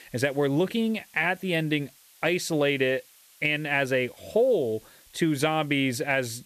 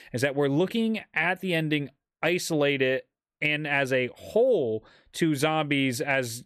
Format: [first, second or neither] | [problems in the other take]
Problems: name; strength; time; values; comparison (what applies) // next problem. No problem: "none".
second | hiss; faint; throughout; 25 dB below the speech